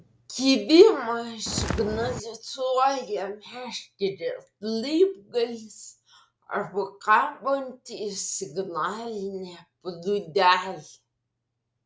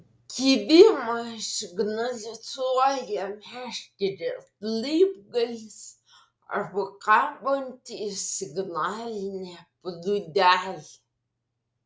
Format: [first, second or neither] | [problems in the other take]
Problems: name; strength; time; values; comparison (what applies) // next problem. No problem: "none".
second | background sound (Walk, footsteps); 5 dB below the speech